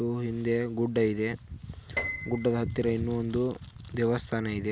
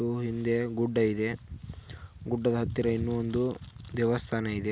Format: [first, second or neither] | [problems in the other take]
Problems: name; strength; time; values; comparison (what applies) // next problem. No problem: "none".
second | background sound (Piano); 12 dB below the speech